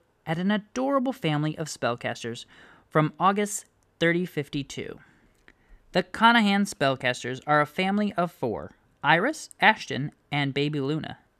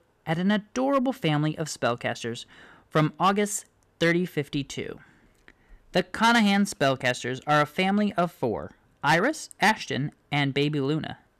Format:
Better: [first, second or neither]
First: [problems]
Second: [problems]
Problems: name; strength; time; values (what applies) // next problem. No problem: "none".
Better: first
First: none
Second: distortion; slight; 2% of the sound clipped